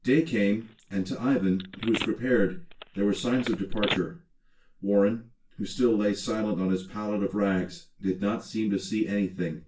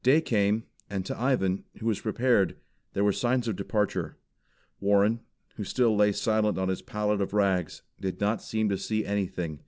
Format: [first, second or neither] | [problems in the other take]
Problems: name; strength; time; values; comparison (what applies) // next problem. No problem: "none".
second | background sound (Telephone); 12 dB below the speech // room echo; dies away in 0.2 s